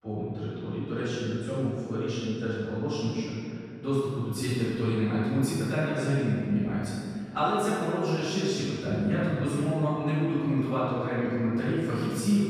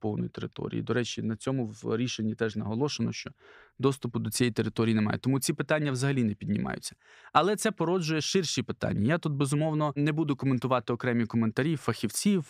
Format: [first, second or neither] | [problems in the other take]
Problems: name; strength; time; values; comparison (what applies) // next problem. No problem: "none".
second | off-mic speech; far // room echo; strong; dies away in 2.2 s